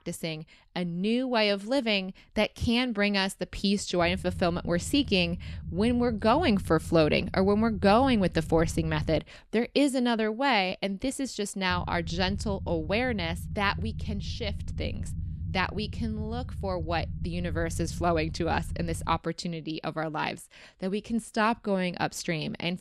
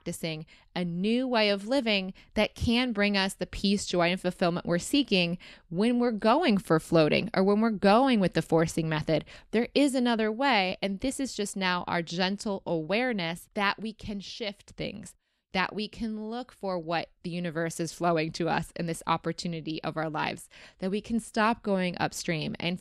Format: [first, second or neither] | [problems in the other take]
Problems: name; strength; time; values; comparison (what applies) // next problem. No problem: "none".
second | low rumble; faint; from 4 to 9 s and from 12 to 19 s; 25 dB below the speech